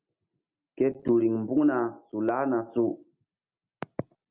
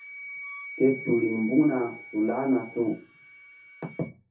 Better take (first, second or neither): first